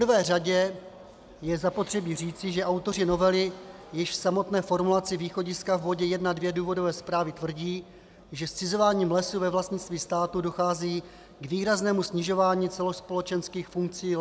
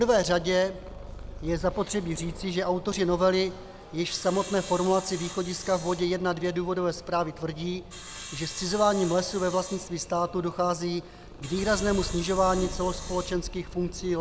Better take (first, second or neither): first